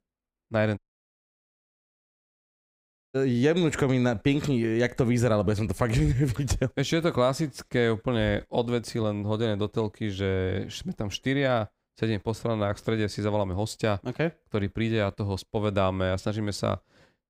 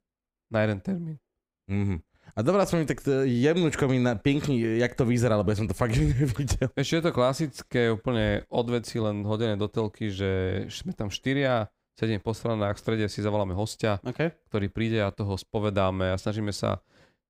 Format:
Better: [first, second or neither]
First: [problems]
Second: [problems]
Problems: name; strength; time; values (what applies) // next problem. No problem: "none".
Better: second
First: audio cutting out; at 1 s for 2.5 s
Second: none